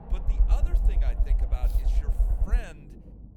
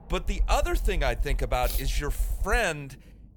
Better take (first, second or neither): second